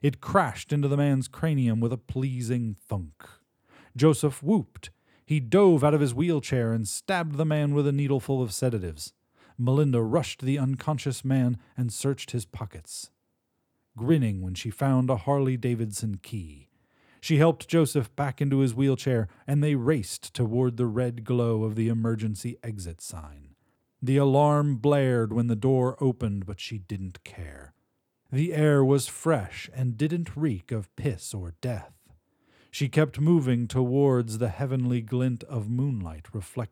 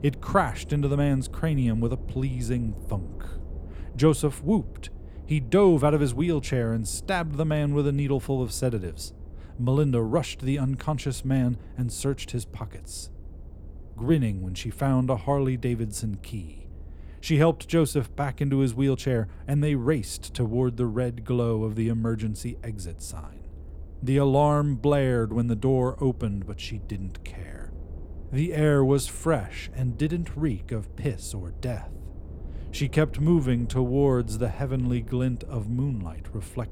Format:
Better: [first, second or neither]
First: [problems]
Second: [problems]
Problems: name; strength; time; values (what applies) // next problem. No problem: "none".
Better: first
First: none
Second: low rumble; faint; throughout; 25 dB below the speech